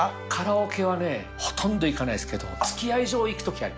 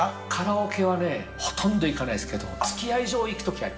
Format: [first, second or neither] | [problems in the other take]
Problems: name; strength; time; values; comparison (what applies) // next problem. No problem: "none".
first | room echo; dies away in 1.5 s